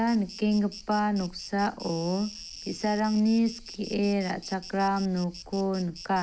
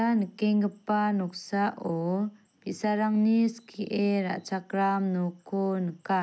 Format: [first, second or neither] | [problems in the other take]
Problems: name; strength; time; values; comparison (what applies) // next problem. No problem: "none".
second | background sound (Insect); 16 dB below the speech